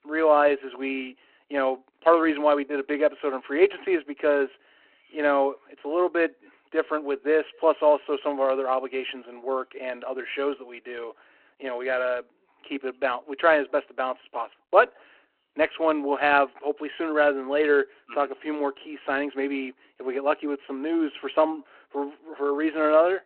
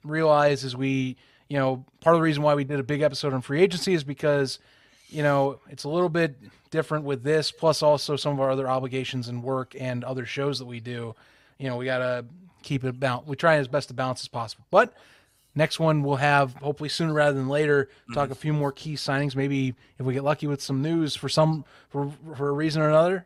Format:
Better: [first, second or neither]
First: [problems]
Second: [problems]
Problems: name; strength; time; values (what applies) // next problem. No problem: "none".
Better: second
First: phone-call audio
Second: none